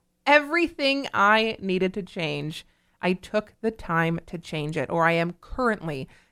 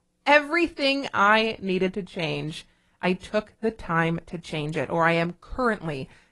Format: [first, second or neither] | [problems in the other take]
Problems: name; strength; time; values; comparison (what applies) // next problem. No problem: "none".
first | garbled, watery; slightly